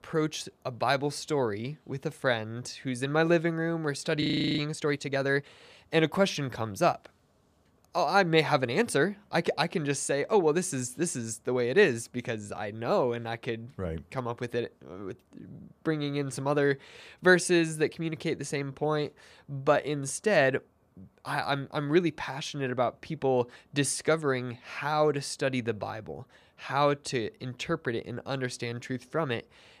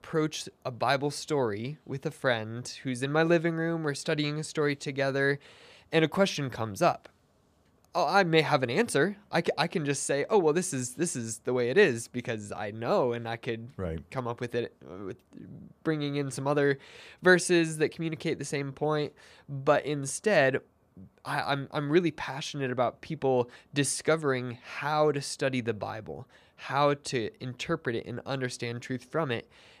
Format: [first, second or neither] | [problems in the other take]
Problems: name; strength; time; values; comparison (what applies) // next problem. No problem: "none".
second | audio freezing; at 4 s